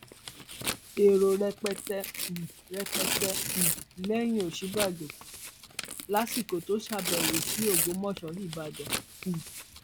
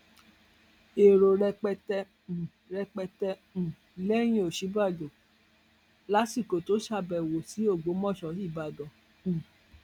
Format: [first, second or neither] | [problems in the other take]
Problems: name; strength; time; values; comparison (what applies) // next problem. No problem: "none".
second | background sound (Tearing); 4 dB below the speech